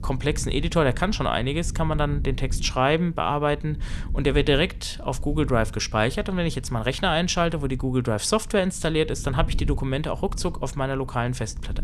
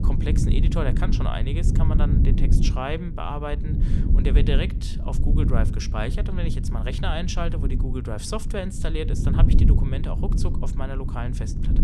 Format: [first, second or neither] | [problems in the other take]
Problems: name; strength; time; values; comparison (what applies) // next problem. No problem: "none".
first | low rumble; loud; throughout; 5 dB below the speech; faint in the first